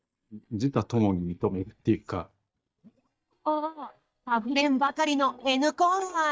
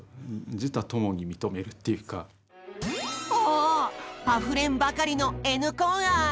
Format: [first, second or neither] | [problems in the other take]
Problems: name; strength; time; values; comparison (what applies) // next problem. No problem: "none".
second | noise reduction (neural mask model DeepFilterNet 3)